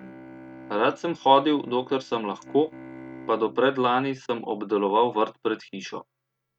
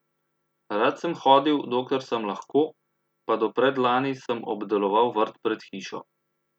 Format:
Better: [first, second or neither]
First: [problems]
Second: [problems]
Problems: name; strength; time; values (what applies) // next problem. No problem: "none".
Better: second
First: noise reduction (neural mask model RNNoise)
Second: none